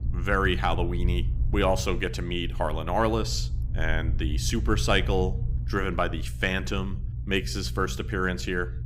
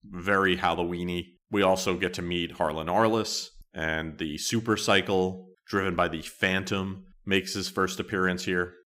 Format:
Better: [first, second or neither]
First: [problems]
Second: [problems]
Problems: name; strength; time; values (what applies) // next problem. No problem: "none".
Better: second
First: low rumble; noticeable; throughout; 20 dB below the speech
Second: none